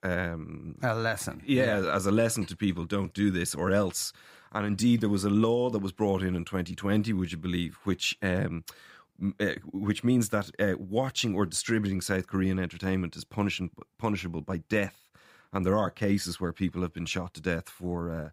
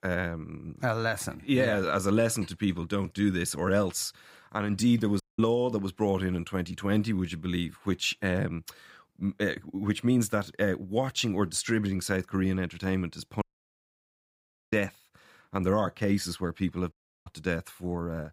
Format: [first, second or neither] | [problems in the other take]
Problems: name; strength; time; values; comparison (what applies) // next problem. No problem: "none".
first | audio cutting out; at 5 s, at 13 s for 1.5 s and at 17 s